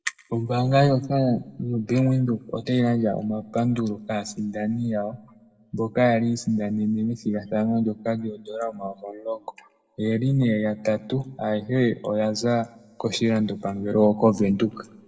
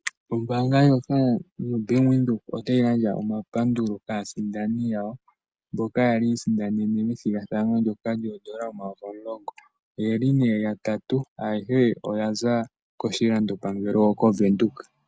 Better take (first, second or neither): second